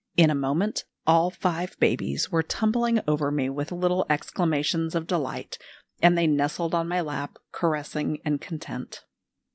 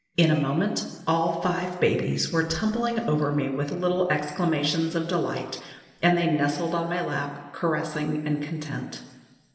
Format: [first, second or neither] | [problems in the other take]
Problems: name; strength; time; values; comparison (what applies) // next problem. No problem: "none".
first | room echo; dies away in 1.4 s